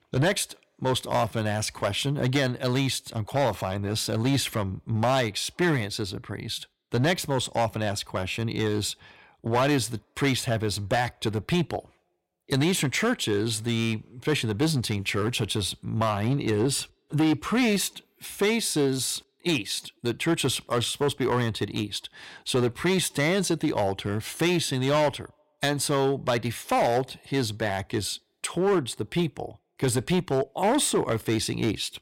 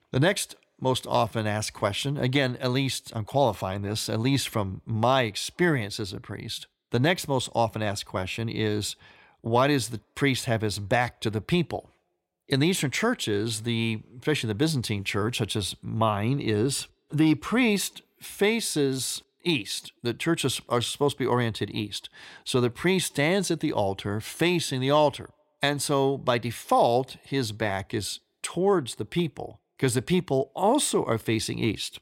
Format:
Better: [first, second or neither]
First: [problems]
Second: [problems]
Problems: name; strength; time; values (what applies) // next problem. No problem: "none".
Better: second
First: distortion; slight; 6% of the sound clipped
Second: none